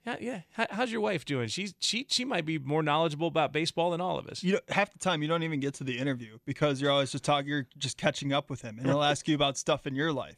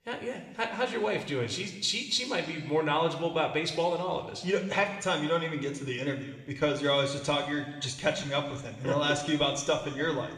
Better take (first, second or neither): first